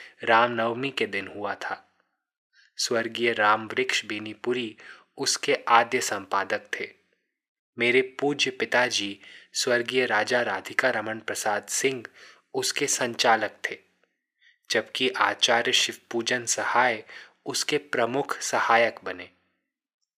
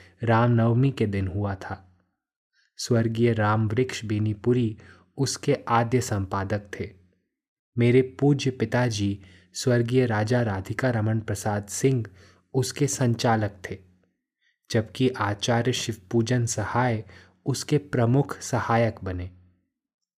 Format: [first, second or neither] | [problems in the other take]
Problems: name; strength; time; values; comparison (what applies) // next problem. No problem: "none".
second | thin; very; fading below 500 Hz